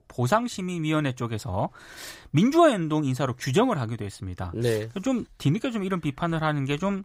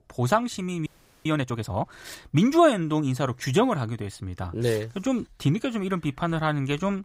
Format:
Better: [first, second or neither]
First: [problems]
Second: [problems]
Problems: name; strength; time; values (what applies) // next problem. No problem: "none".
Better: first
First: none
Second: audio freezing; at 1 s